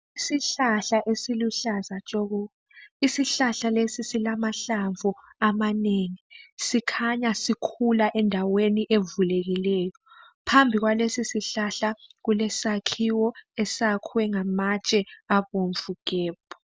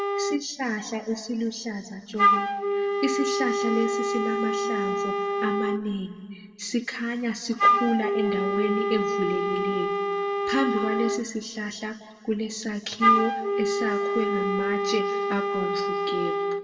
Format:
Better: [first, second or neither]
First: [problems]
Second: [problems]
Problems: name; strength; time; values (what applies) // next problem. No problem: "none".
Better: first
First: none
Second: background sound (Wind instrument, woodwind instrument); 3 dB above the speech // room echo; dies away in 1.6 s